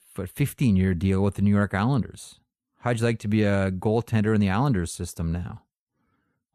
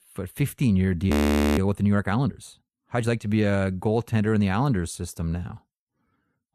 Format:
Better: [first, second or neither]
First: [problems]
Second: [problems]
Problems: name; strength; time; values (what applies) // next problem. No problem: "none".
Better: first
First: none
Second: audio freezing; at 1 s